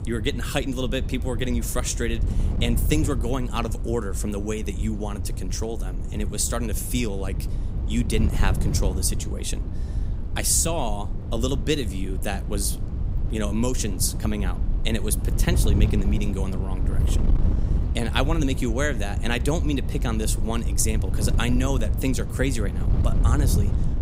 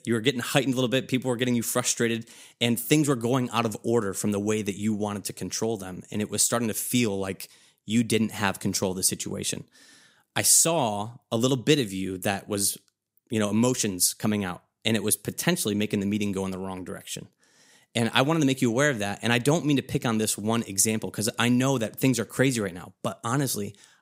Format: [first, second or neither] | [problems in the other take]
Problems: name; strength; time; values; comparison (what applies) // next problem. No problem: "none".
second | wind noise on the microphone; occasional gusts; 10 dB below the speech